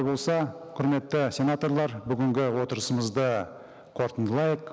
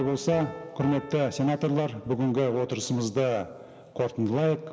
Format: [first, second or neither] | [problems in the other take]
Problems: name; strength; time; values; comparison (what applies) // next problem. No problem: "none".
first | background sound (Piano); 19 dB below the speech // room echo; dies away in 0.4 s